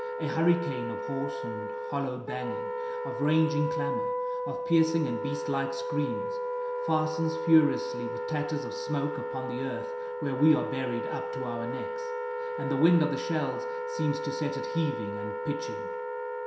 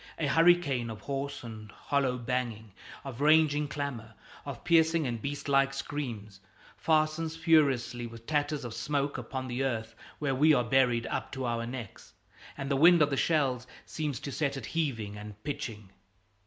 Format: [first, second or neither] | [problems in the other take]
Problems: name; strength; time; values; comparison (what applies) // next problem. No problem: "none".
second | background sound (Wind instrument, woodwind instrument); 3 dB below the speech // room echo; dies away in 0.7 s